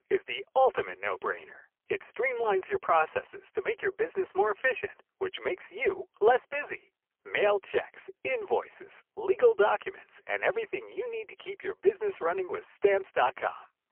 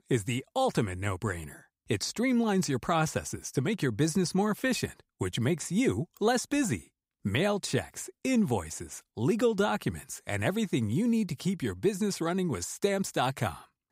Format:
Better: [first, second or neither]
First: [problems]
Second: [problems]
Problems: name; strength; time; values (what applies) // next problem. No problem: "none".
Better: second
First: phone-call audio; poor line; nothing above 3 kHz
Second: none